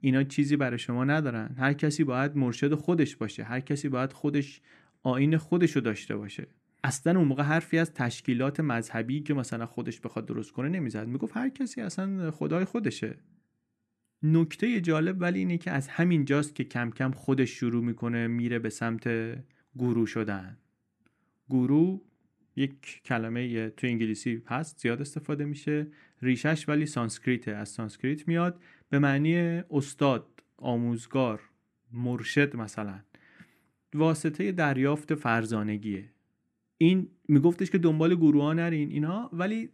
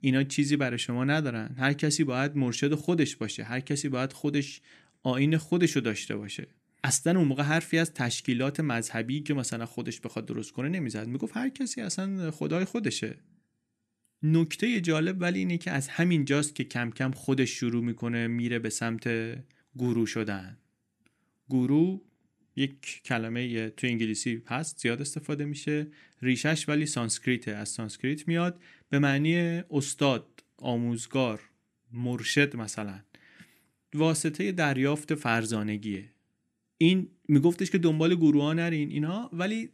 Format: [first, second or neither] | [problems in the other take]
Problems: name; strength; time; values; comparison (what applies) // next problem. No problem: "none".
second | muffled; slightly; fading above 2.5 kHz